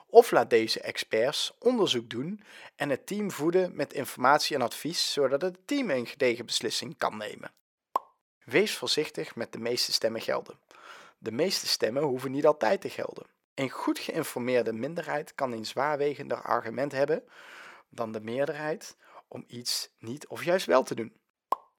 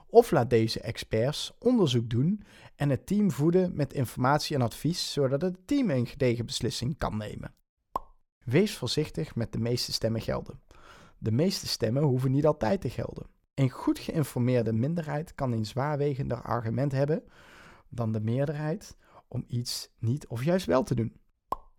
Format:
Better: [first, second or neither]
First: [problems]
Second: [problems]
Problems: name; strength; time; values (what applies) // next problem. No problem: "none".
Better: second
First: thin; somewhat; fading below 400 Hz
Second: none